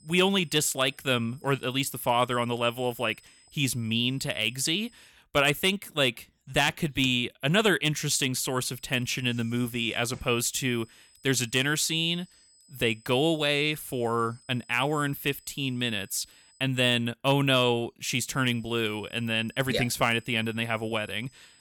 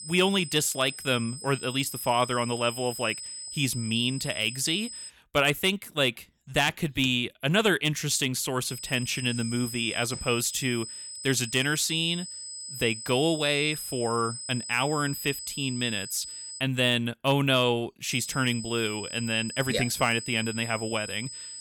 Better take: first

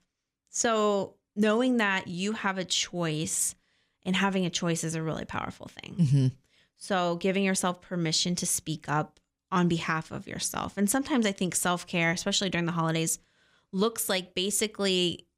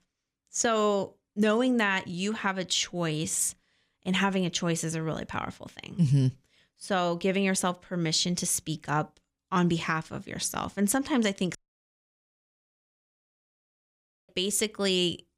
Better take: first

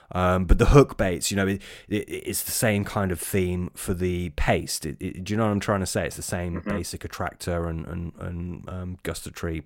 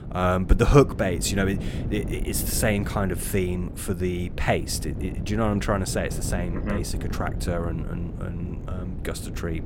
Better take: first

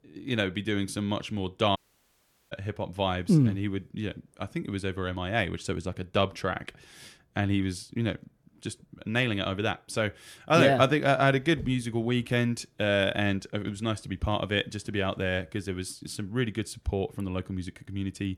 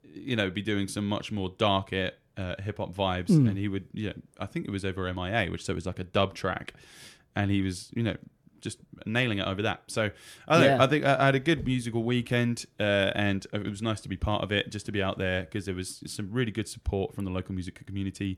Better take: second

